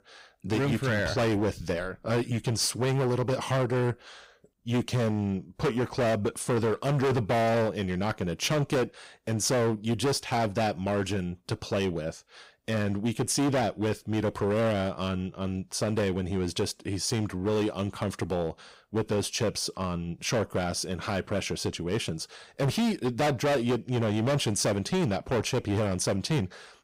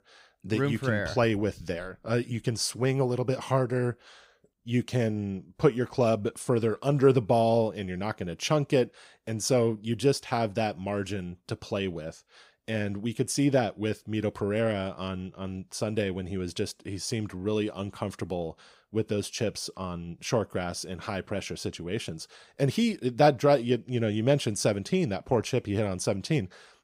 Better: second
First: distortion; heavy; 16% of the sound clipped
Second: none

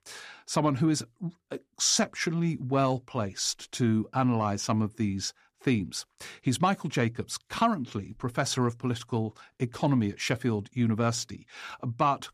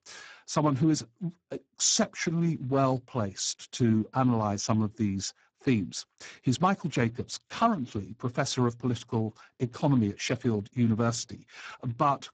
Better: first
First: none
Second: garbled, watery; badly; nothing above 7.5 kHz

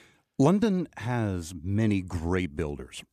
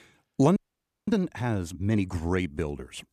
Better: first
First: none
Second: audio freezing; at 0.5 s for 0.5 s

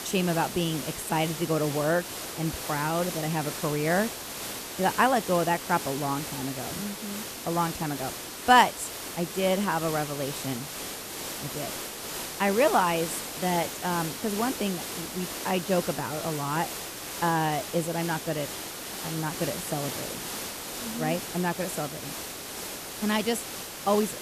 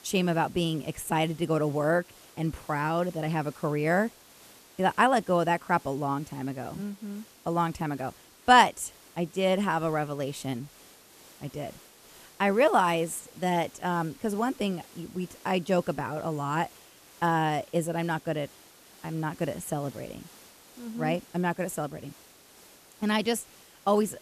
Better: second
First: hiss; loud; throughout; 6 dB below the speech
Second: hiss; faint; throughout; 25 dB below the speech

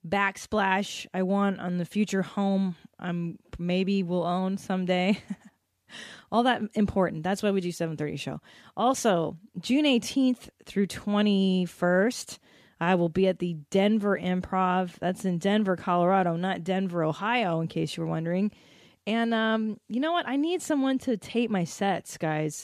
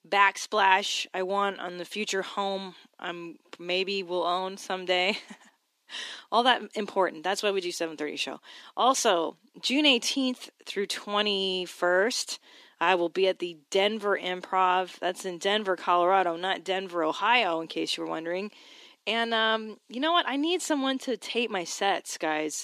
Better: first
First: none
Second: thin; somewhat; fading below 300 Hz

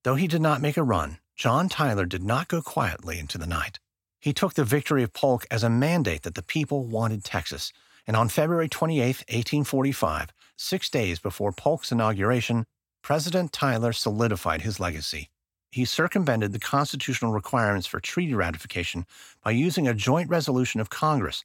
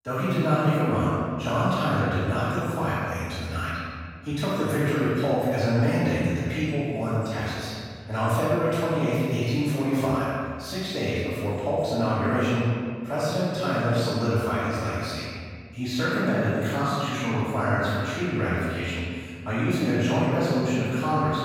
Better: first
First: none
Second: off-mic speech; far // room echo; strong; dies away in 1.9 s

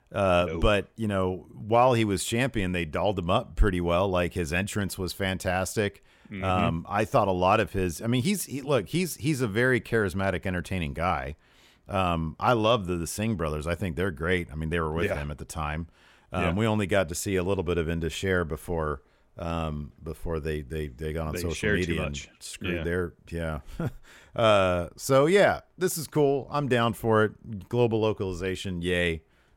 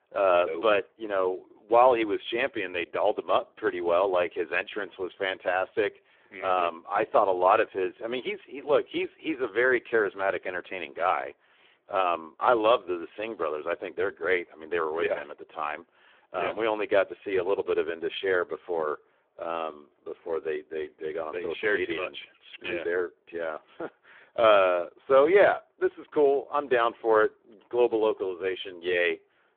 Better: first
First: none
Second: phone-call audio; poor line

